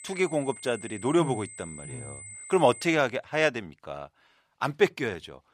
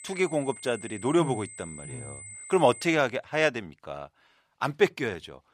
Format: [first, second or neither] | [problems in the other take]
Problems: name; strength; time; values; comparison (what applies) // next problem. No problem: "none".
neither | high-pitched whine; noticeable; until 3 s; 8 kHz, 15 dB below the speech; the same in both